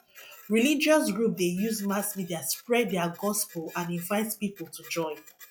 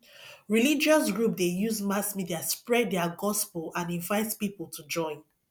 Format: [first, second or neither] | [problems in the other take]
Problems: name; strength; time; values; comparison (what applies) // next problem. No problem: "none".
second | noise reduction (classical method log-MMSE)